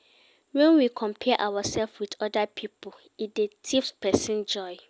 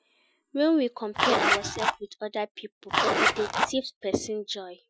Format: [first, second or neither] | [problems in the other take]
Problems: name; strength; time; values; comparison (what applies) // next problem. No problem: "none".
first | noise reduction (classical method Wiener filter)